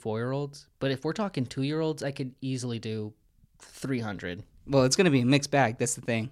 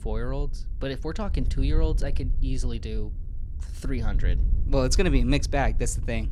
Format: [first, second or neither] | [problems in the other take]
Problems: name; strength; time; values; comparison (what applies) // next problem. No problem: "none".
first | wind noise on the microphone; occasional gusts; 20 dB below the speech